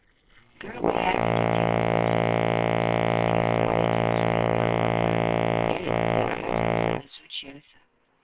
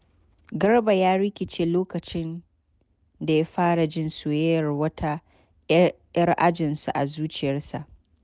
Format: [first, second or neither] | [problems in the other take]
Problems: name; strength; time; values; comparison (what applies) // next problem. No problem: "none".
second | noise reduction (neural separator model SepFormer WHAMR!)